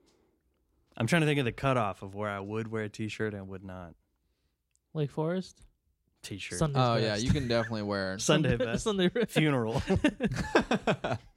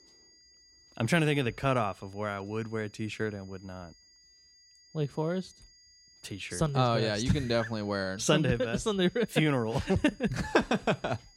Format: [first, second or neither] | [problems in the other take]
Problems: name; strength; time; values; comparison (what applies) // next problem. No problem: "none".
first | high-pitched whine; faint; throughout; 5 kHz, 30 dB below the speech